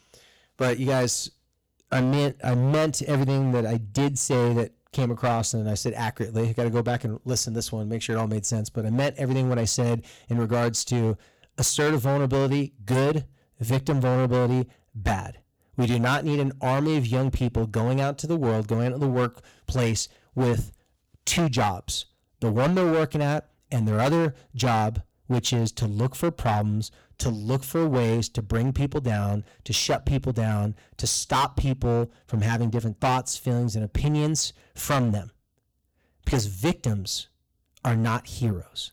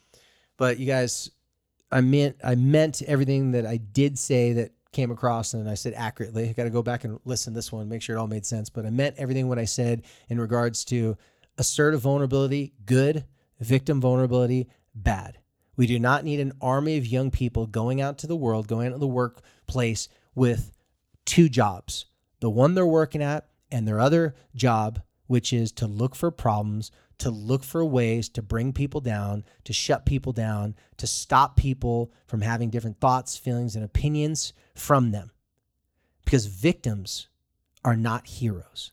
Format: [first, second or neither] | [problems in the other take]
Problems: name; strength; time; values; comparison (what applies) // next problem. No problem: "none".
second | distortion; heavy; 14% of the sound clipped